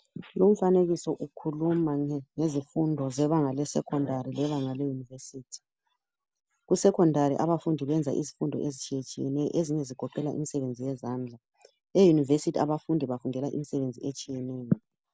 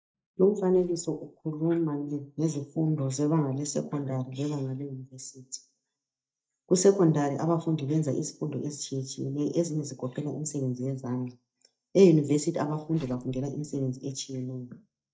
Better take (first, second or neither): first